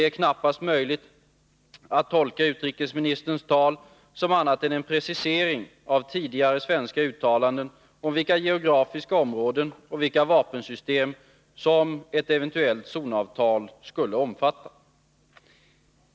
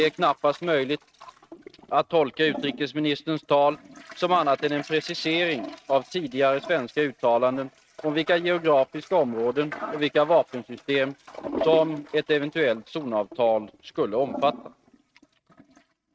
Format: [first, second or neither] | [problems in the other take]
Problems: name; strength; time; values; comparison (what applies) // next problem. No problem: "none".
first | noise reduction (neural mask model RNNoise)